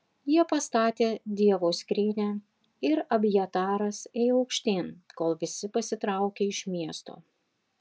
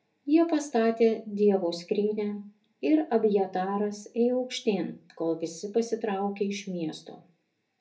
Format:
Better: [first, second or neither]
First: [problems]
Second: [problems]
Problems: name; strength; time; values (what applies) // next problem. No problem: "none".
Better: first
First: none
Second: room echo; dies away in 0.3 s